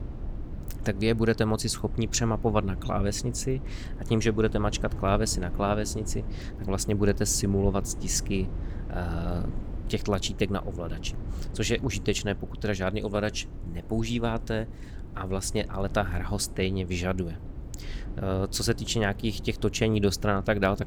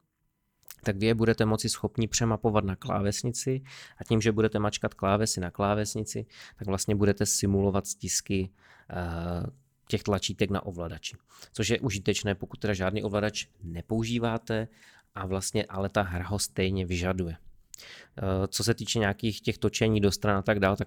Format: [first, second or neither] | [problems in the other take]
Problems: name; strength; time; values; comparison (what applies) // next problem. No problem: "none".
second | low rumble; noticeable; throughout; 20 dB below the speech